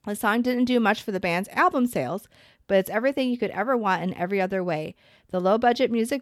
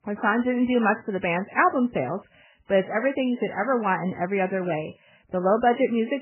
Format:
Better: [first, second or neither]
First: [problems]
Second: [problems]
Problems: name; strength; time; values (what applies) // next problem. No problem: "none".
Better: first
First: none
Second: garbled, watery; badly; nothing above 3 kHz